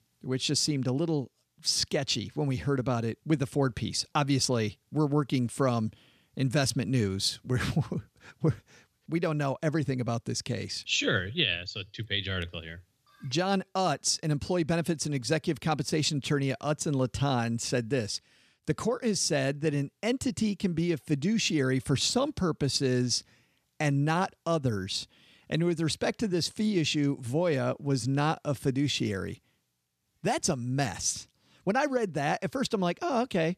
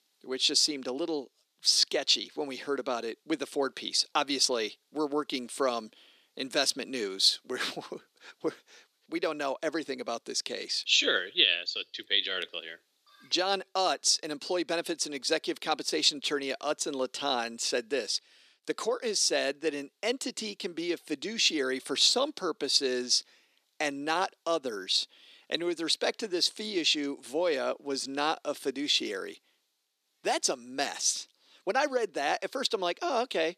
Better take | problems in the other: first | thin; somewhat; fading below 300 Hz

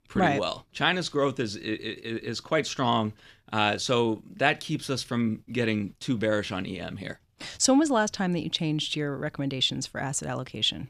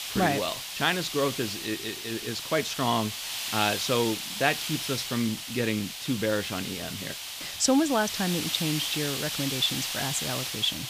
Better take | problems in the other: first | hiss; loud; throughout; 4 dB below the speech

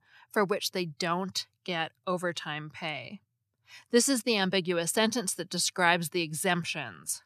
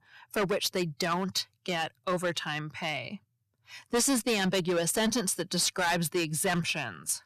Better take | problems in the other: first | distortion; heavy; 9% of the sound clipped

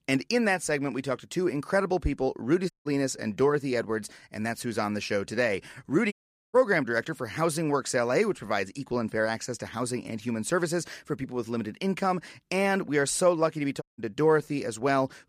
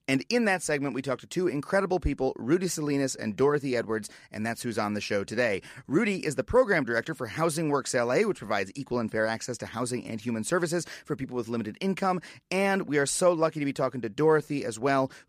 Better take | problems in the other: second | audio cutting out; at 2.5 s, at 6 s and at 14 s

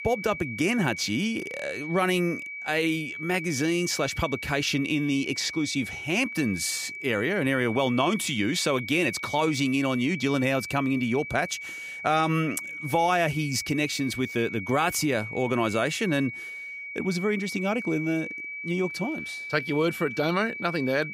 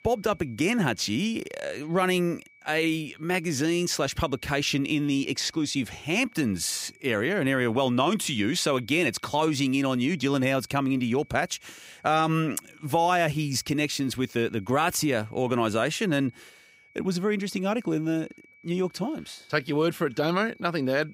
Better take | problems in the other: second | high-pitched whine; loud; throughout; 2.5 kHz, 8 dB below the speech; faint in the second

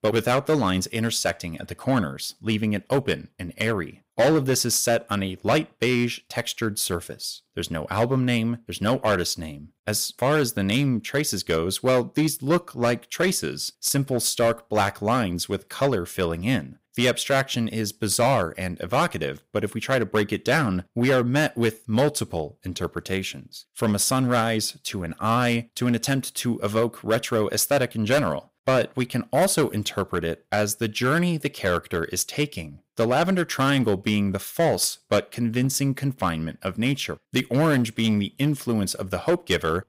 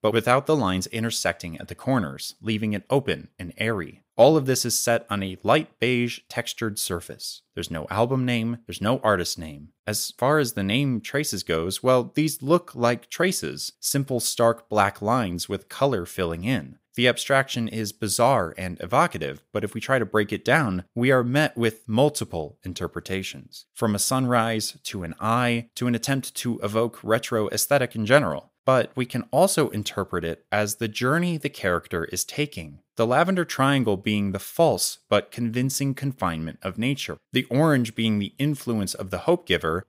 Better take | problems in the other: second | distortion; slight; 5% of the sound clipped

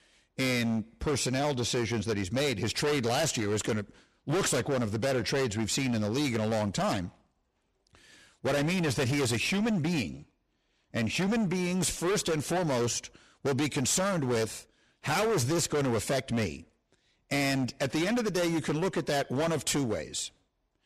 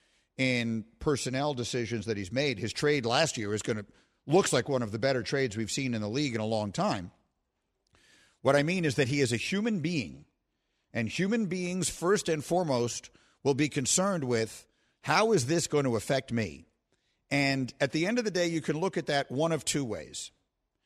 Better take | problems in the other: second | distortion; heavy; 21% of the sound clipped

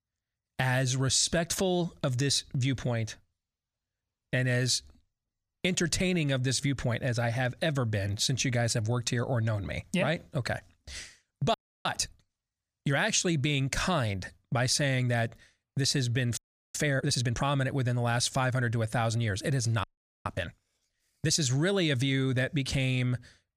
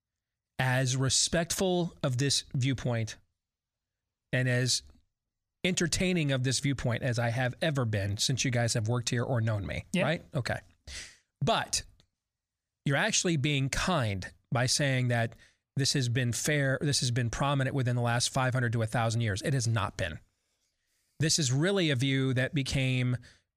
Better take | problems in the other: second | audio freezing; at 12 s, at 16 s and at 20 s

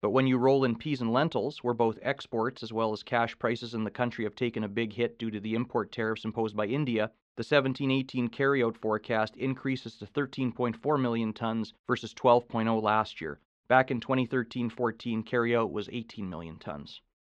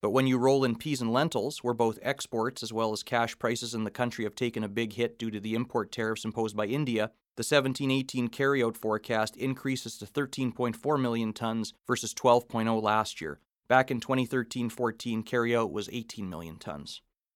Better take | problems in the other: second | muffled; slightly; fading above 3.5 kHz

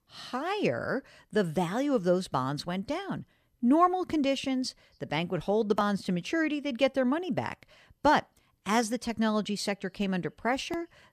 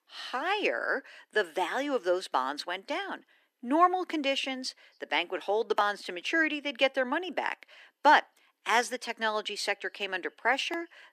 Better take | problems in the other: first | thin; somewhat; fading below 300 Hz

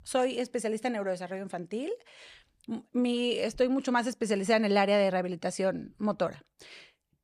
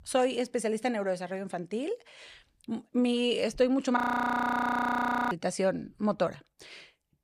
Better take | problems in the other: first | audio freezing; at 4 s for 1.5 s

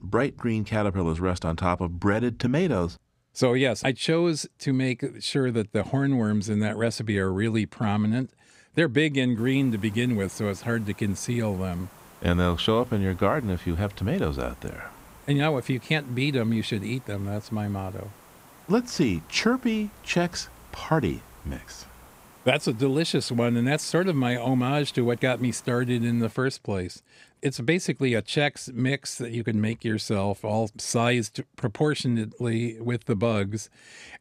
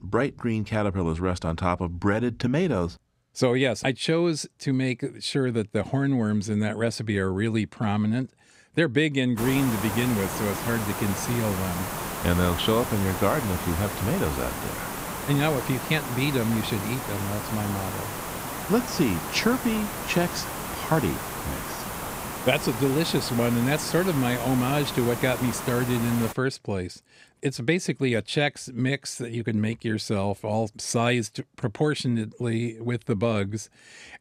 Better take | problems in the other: first | hiss; loud; from 9.5 to 26 s; 6 dB below the speech; faint in the first

